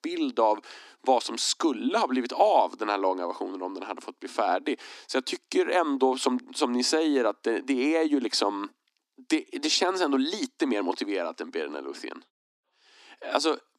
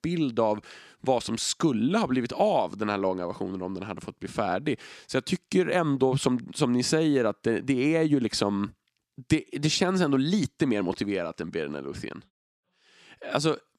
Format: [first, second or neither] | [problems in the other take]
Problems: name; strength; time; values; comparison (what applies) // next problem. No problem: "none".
second | thin; very slightly; fading below 250 Hz